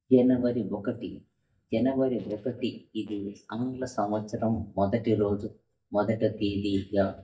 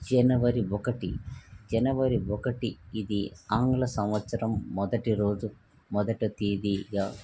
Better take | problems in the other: second | noise reduction (neural mask model DeepFilterNet 3)

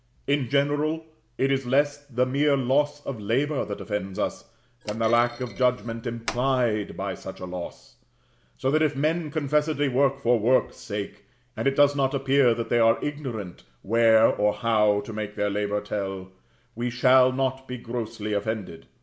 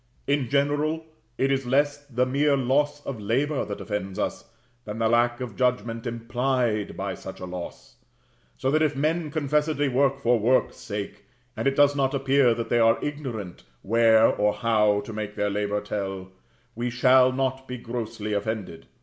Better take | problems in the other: second | background sound (Thump, thud); 15 dB below the speech

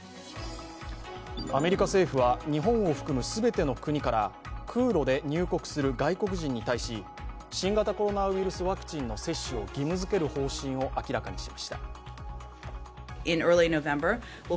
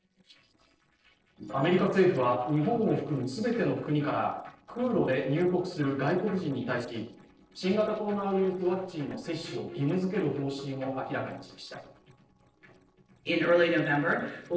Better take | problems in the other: first | noise reduction (neural separator model SepFormer DNS4)

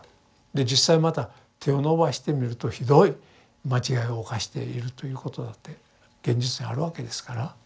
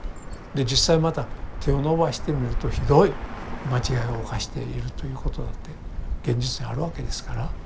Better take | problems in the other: first | background sound (Bird); 5 dB below the speech

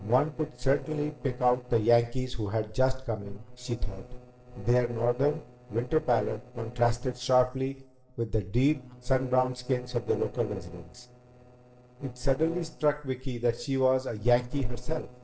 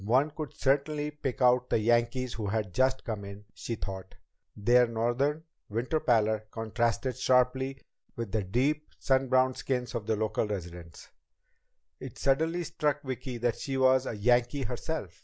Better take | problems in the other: second | noise reduction (neural separator model SepFormer DNS4)

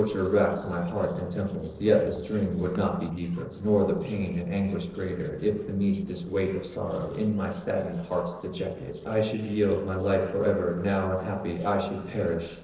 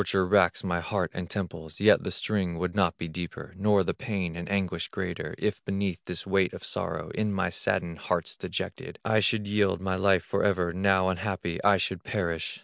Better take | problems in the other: second | noise reduction (neural separator model SepFormer DNS4)

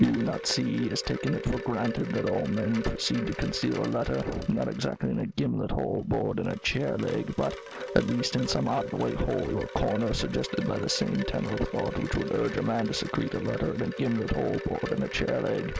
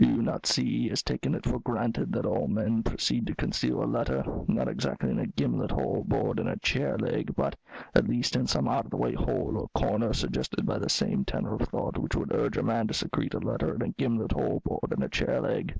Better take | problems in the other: second | background sound (Wind chime); 10 dB below the speech

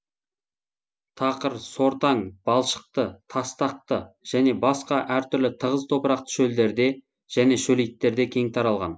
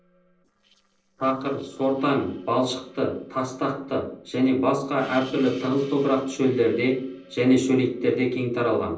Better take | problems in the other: first | noise reduction (neural separator model SepFormer DNS4)

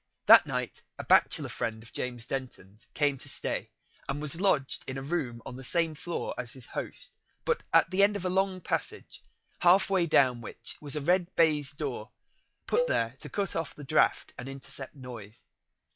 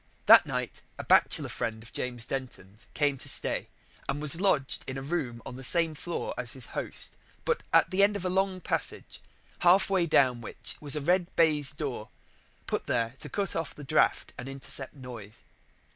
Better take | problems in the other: second | noise reduction (classical method log-MMSE)

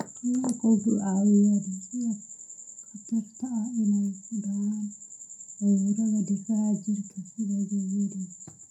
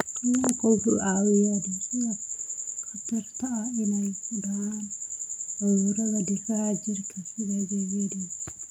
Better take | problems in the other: second | room echo; dies away in 0.2 s

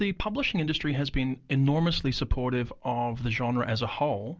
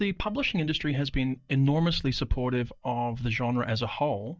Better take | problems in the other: first | noise reduction (neural mask model DeepFilterNet 3)

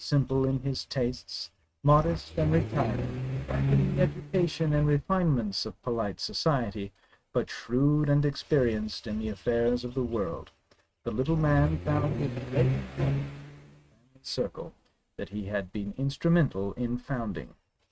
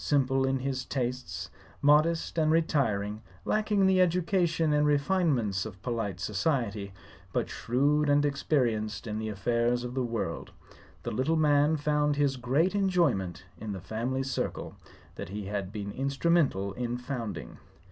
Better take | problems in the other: second | noise reduction (neural mask model RNNoise)

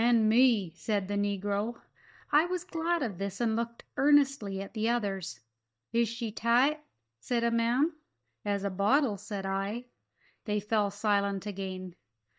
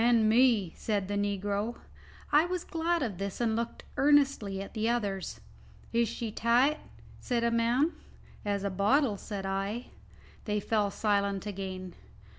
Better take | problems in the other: second | noise reduction (neural mask model DeepFilterNet 3)

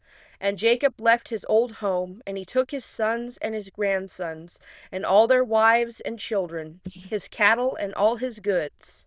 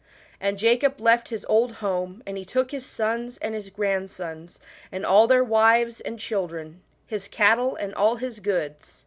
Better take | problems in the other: second | noise reduction (neural diffusion model UNIVERSE++)

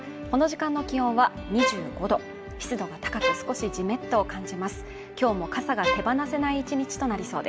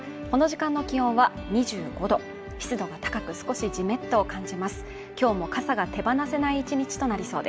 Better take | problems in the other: second | background sound (Bowed string instrument); 3 dB below the speech

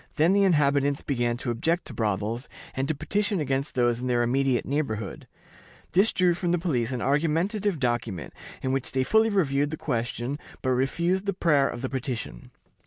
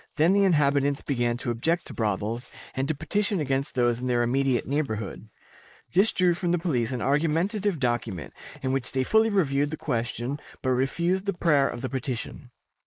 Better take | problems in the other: first | noise reduction (neural mask model Resemble Enhance denoiser)

